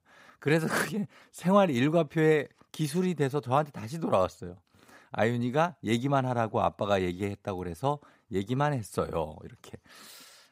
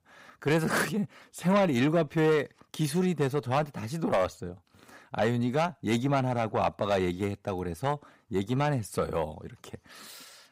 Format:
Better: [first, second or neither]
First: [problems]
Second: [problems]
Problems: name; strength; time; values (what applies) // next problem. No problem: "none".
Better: first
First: none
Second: distortion; slight; 10 dB below the speech